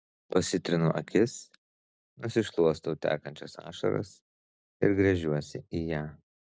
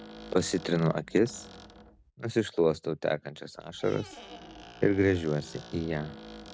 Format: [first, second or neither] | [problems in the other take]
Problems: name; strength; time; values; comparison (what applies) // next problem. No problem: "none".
first | background sound (Squeak); 18 dB below the speech